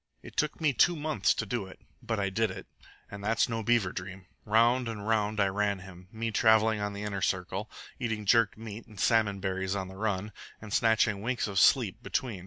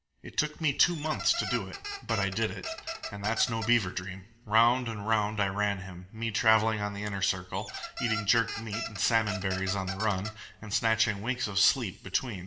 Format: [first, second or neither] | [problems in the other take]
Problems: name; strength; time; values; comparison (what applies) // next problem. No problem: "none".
first | background sound (Squeak); 9 dB below the speech // room echo; dies away in 0.7 s